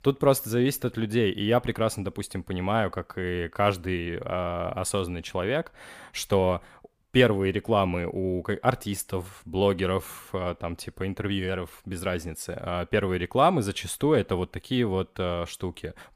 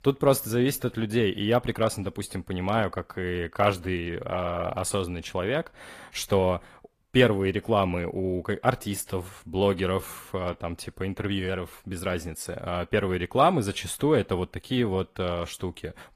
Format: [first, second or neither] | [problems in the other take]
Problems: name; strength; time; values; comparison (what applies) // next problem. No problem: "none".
first | garbled, watery; slightly; nothing above 15 kHz